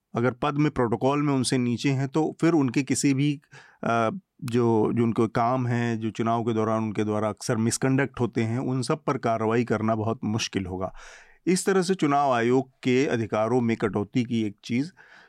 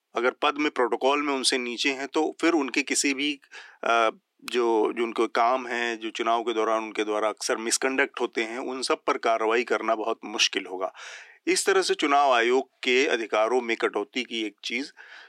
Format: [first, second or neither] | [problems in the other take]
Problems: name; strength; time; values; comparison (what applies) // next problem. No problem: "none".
first | thin; somewhat; fading below 300 Hz